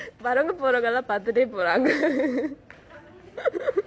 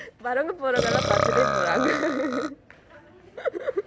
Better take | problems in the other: first | background sound (Burping, eructation); as loud as the speech

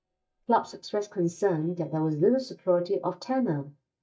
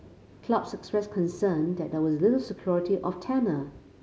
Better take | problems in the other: second | noise reduction (neural mask model DeepFilterNet 3)

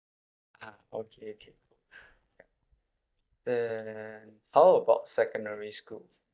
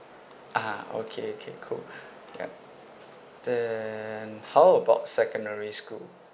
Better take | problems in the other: second | noise reduction (neural mask model DeepFilterNet 3)

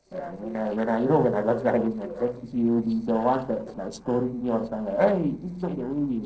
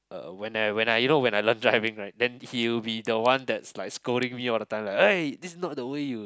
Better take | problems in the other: second | noise reduction (neural separator model SepFormer DNS4)

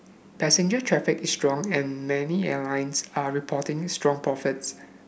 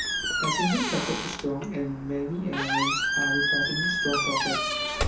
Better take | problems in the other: first | background sound (Squeak); 3 dB above the speech // room echo; dies away in 0.9 s

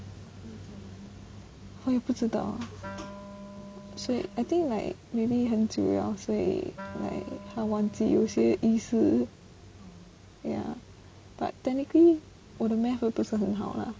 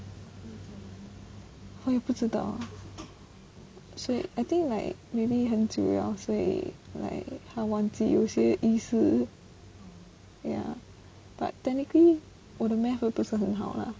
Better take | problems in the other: second | background sound (Wind instrument, woodwind instrument); 17 dB below the speech

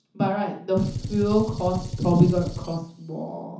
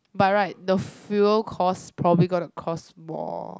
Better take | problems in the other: second | background sound (Gunshot, gunfire); 8 dB below the speech // room echo; dies away in 0.9 s

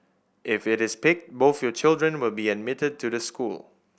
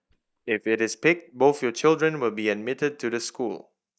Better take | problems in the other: first | noise reduction (neural mask model DeepFilterNet 3)

